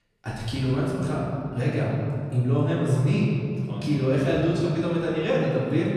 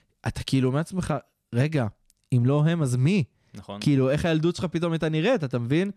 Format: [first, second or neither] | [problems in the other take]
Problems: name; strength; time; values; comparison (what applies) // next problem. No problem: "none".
second | off-mic speech; far // room echo; strong; dies away in 2.1 s